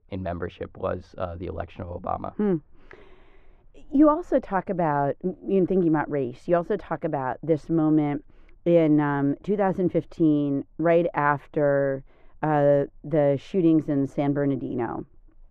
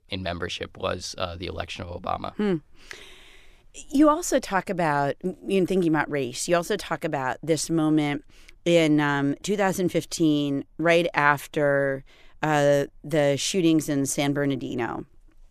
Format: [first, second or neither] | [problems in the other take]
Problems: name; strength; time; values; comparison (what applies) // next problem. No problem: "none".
second | muffled; very; fading above 3 kHz